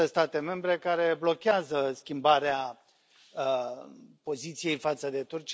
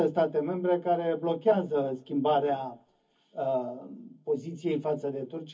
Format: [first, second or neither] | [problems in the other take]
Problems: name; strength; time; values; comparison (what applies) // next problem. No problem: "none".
first | room echo; dies away in 0.3 s